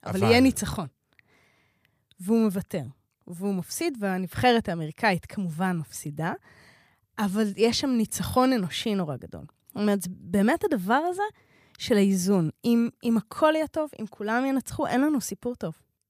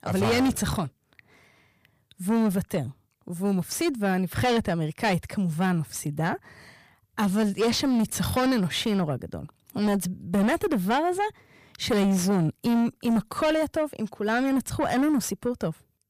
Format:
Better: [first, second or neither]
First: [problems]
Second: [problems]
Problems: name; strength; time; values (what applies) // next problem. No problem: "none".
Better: first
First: none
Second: distortion; heavy; 7 dB below the speech